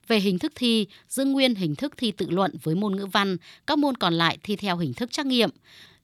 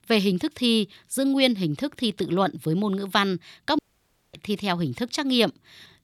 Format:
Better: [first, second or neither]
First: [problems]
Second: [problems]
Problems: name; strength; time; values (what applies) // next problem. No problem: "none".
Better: first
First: none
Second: audio cutting out; at 4 s for 0.5 s